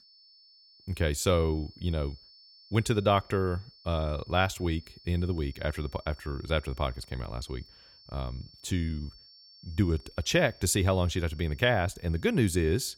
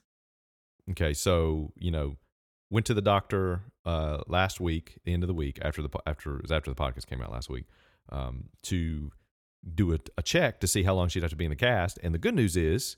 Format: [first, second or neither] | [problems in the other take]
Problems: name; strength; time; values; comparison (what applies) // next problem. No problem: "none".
second | high-pitched whine; faint; throughout; 5.5 kHz, 25 dB below the speech